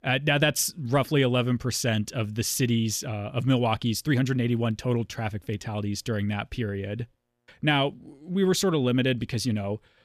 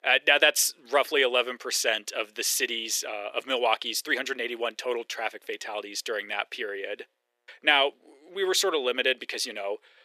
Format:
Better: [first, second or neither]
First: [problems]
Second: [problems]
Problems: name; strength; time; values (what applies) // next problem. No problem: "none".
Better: first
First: none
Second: thin; very; fading below 400 Hz